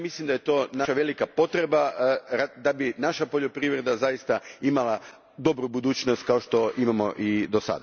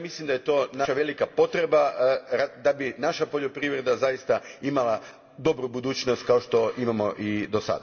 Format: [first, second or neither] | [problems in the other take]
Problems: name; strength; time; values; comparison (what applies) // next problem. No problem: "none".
first | room echo; dies away in 0.9 s